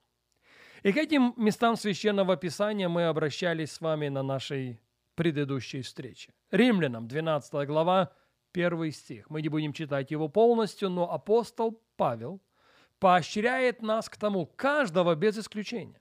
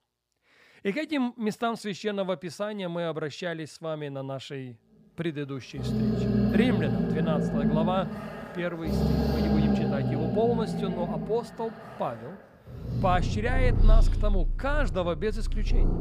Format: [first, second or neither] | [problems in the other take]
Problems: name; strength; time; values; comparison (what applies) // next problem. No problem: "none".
first | animal sounds; very loud; from 5.5 s on; 3 dB above the speech